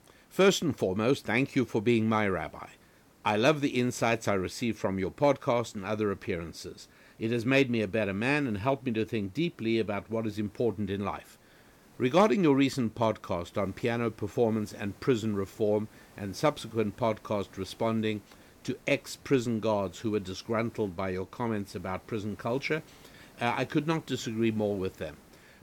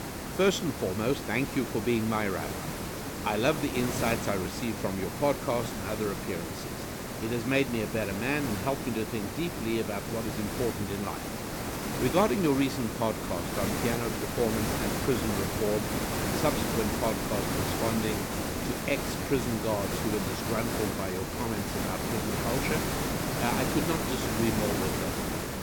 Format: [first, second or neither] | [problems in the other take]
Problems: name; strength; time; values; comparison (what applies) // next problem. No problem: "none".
first | hiss; loud; throughout; 1 dB below the speech; faint in the first